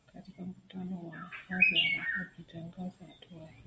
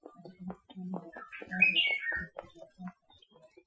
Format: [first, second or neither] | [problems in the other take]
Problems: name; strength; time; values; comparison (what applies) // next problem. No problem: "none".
first | noise reduction (classical method Wiener filter)